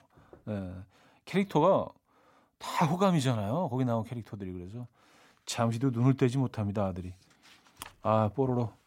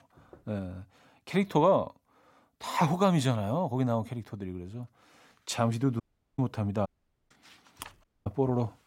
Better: first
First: none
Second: audio cutting out; at 6 s, at 7 s and at 8 s

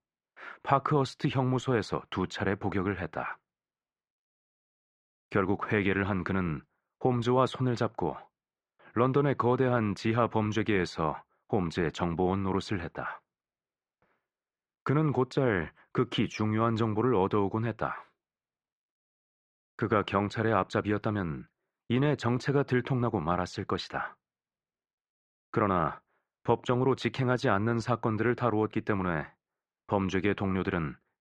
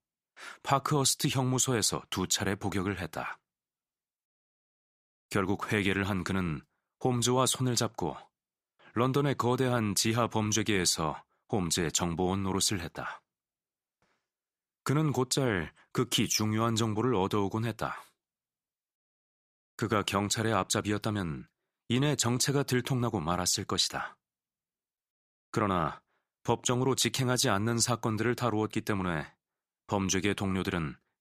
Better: second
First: muffled; very; fading above 2 kHz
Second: none

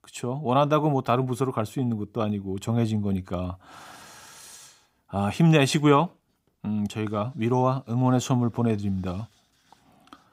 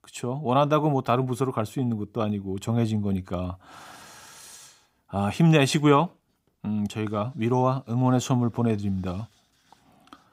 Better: neither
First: none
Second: none

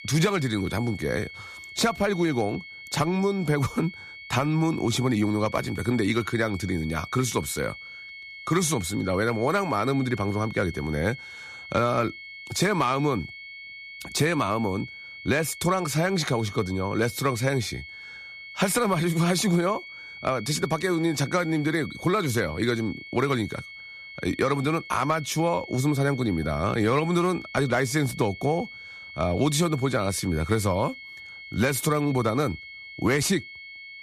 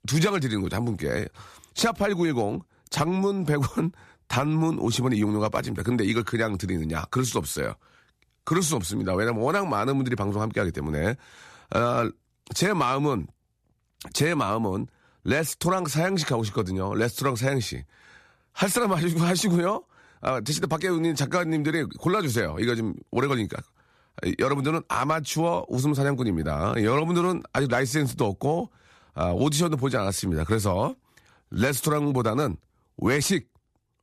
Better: second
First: high-pitched whine; noticeable; throughout; 2 kHz, 15 dB below the speech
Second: none

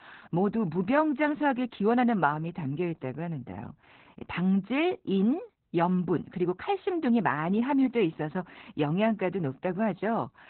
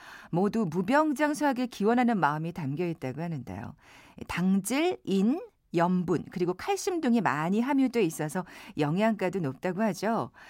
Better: second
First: garbled, watery; badly; nothing above 4 kHz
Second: none

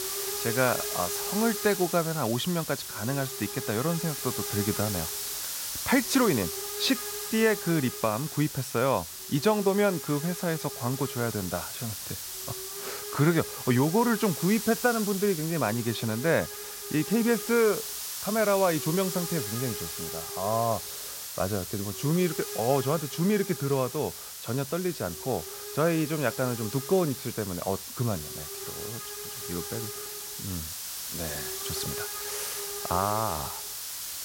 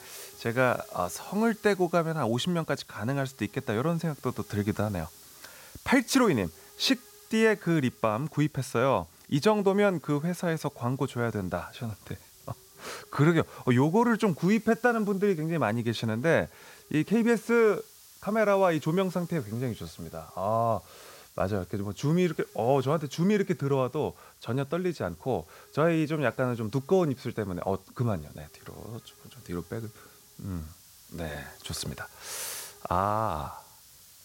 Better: second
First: hiss; loud; throughout; 5 dB below the speech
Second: hiss; faint; throughout; 25 dB below the speech

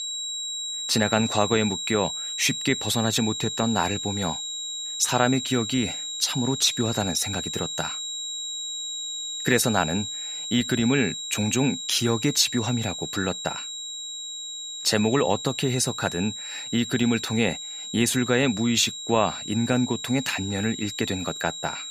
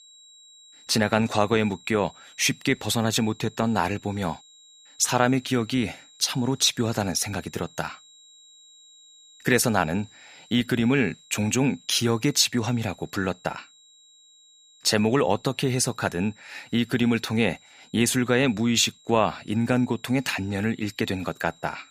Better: second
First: high-pitched whine; loud; throughout; 4 kHz, 5 dB below the speech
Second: high-pitched whine; faint; throughout; 4 kHz, 25 dB below the speech

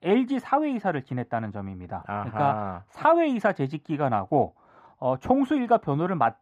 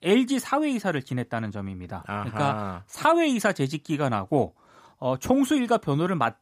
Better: second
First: muffled; very; fading above 4 kHz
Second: none

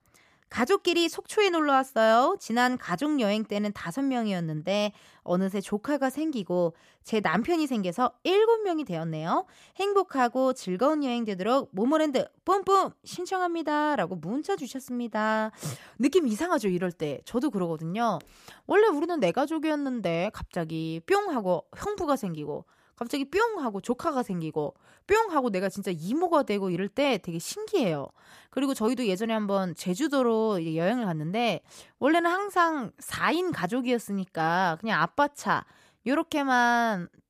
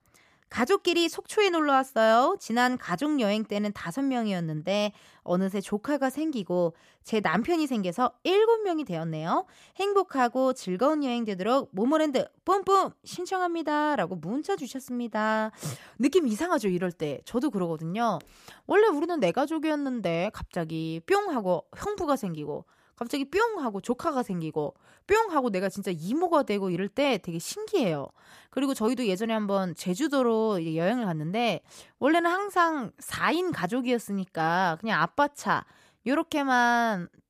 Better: neither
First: none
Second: none

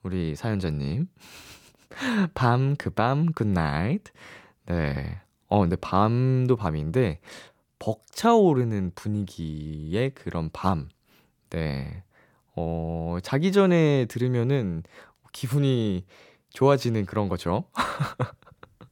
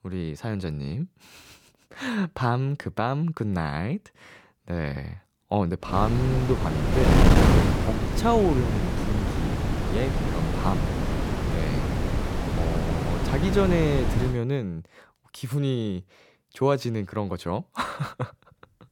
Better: first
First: none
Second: wind noise on the microphone; heavy; from 6 to 14 s; as loud as the speech

